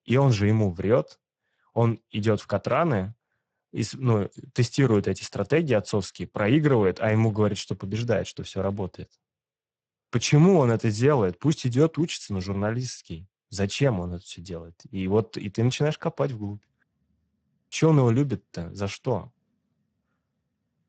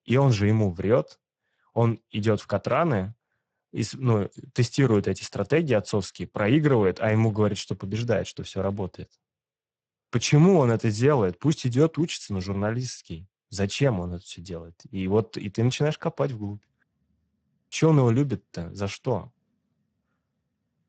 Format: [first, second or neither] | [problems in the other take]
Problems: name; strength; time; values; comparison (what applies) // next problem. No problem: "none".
neither | garbled, watery; badly; nothing above 8 kHz; the same in both